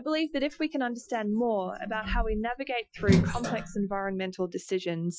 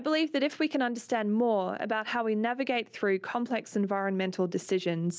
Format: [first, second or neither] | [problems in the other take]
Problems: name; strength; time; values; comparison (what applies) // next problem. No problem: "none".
second | noise reduction (classical method Wiener filter)